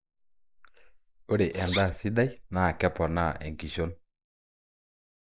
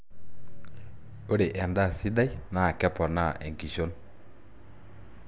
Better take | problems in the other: second | noise reduction (neural mask model Resemble Enhance denoiser)

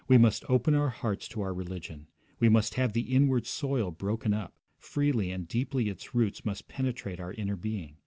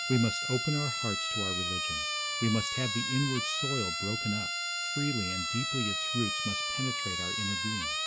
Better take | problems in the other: first | background sound (Siren); 1 dB above the speech

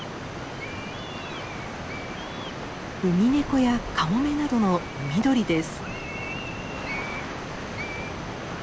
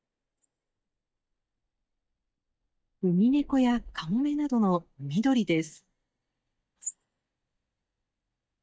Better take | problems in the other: first | noise reduction (neural mask model DeepFilterNet 3)

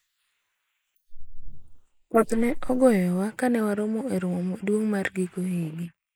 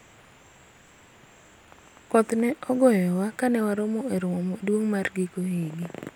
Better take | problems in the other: second | noise reduction (neural mask model Resemble Enhance denoiser)

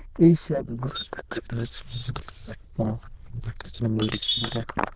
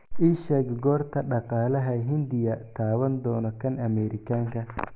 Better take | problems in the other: second | noise reduction (neural diffusion model UNIVERSE++)

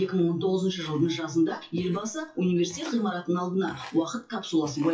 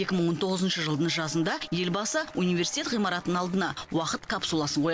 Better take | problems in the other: second | noise reduction (classical method WPE with log-MMSE)

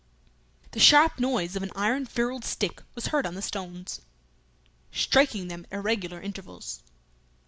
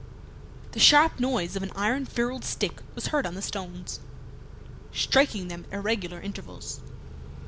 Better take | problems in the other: first | background sound (Idling / Accelerating, revving, vroom / Car); 13 dB below the speech

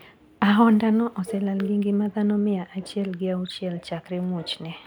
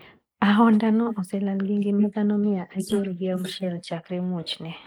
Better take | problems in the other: first | noise reduction (neural mask model Resemble Enhance denoiser)

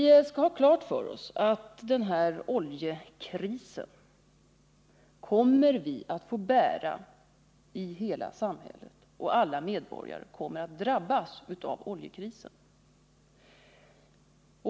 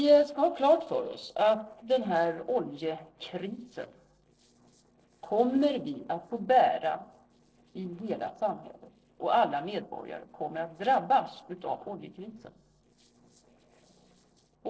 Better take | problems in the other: first | noise reduction (neural separator model SepFormer DNS4)

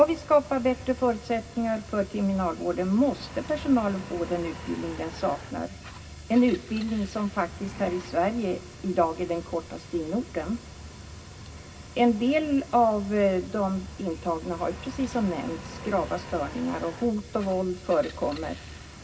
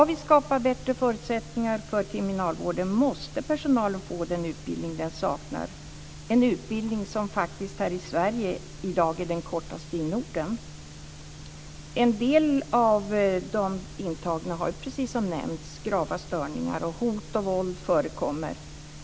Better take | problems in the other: second | background sound (Engine); 18 dB below the speech // room echo; dies away in 0.4 s

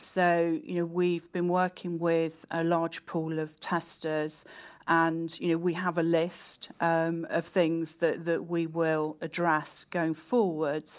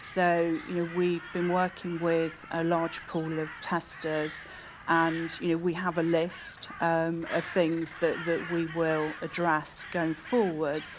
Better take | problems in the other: first | background sound (Crow); 14 dB below the speech

